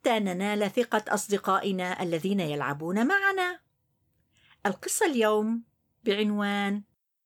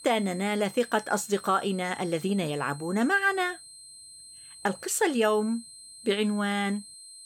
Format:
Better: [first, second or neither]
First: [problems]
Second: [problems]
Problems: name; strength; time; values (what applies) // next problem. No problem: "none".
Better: first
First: none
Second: high-pitched whine; noticeable; throughout; 8 kHz, 15 dB below the speech